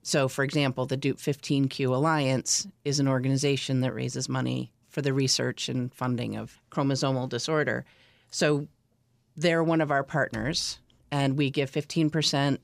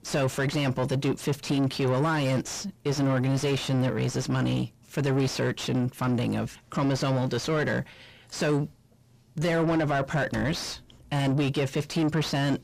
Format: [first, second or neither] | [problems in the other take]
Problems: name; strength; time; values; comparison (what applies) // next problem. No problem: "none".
first | distortion; heavy; 6 dB below the speech